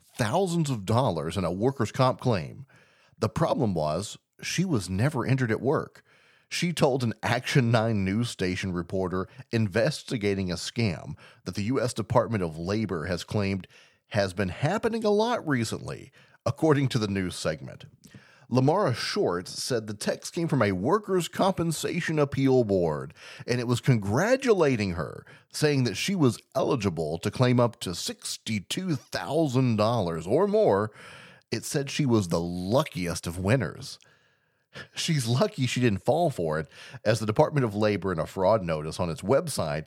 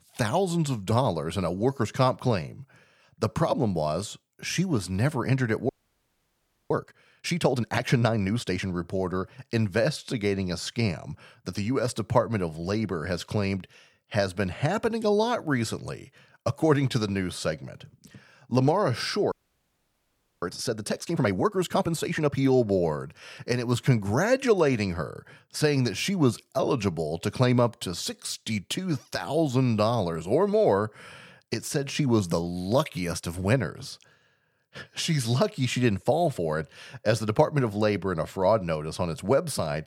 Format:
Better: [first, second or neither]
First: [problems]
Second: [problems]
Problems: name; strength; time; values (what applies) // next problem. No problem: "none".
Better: first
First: none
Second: audio freezing; at 5.5 s for 1 s and at 19 s for 1 s